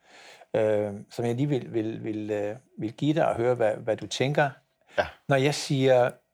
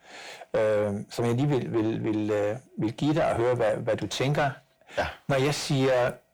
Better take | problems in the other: first | distortion; heavy; 7 dB below the speech

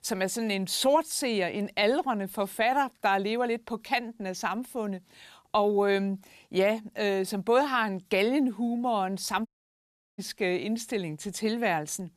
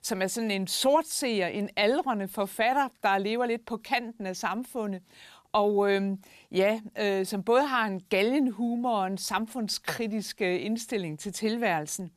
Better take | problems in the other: second | audio cutting out; at 9.5 s for 0.5 s

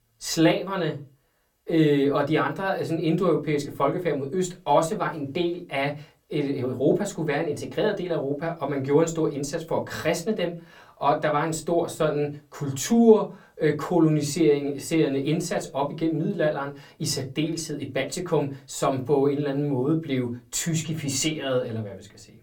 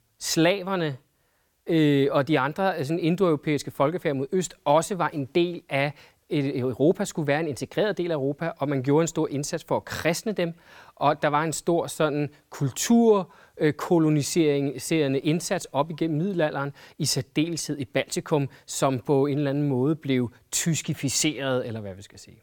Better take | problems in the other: second | off-mic speech; somewhat distant // room echo; very slight; dies away in 0.2 s

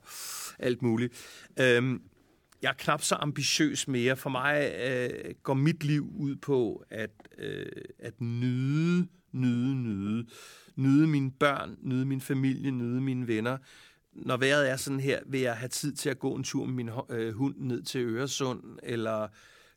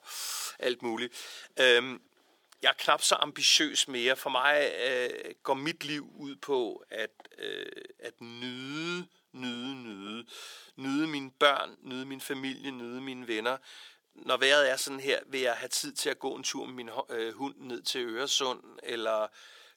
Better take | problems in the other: first | thin; somewhat; fading below 550 Hz

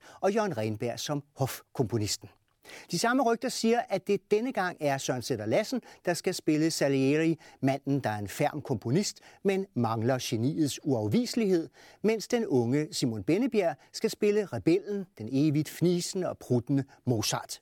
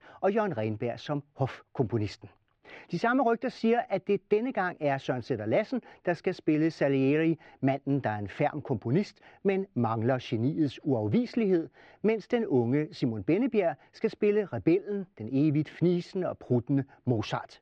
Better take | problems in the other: first | muffled; slightly; fading above 3 kHz

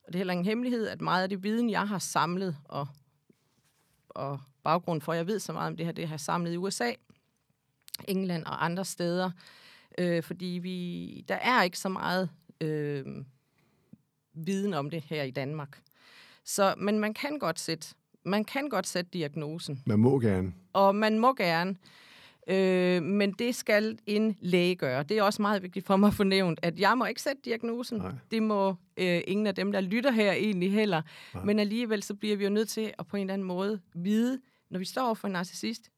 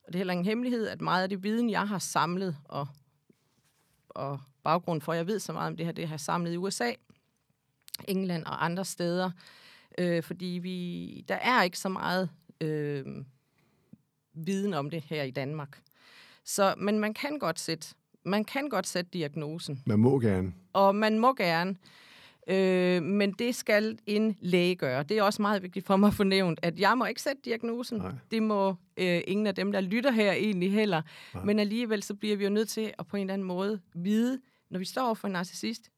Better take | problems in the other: neither | none

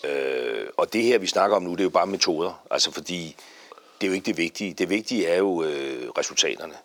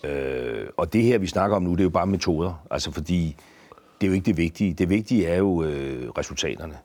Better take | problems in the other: second | thin; somewhat; fading below 400 Hz

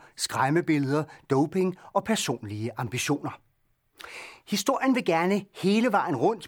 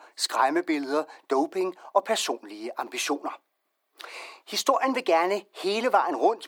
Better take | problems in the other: first | thin; somewhat; fading below 300 Hz

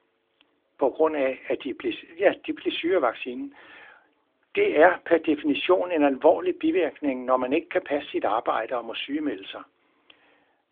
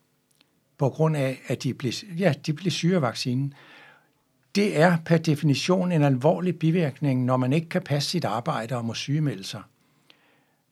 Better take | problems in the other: second | phone-call audio; nothing above 3.5 kHz

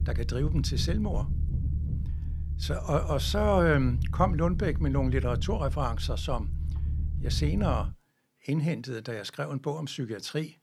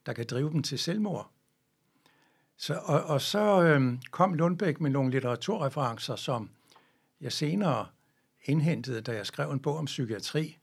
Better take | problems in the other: second | low rumble; noticeable; until 8 s; 15 dB below the speech

